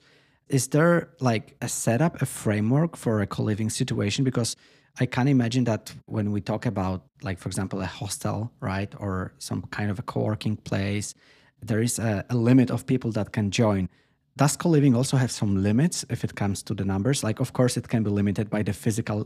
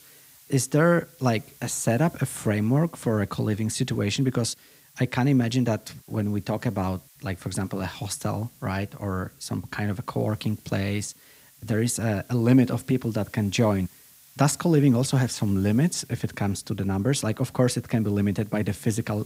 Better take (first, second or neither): first